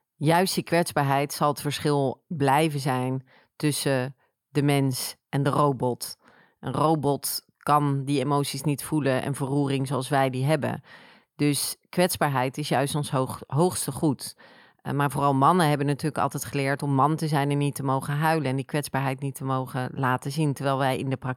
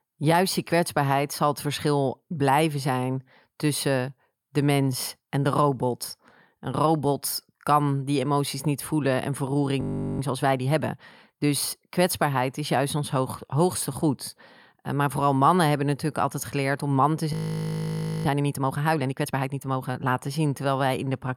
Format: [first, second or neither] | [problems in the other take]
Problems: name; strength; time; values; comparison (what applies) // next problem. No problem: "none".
first | audio freezing; at 10 s and at 17 s for 1 s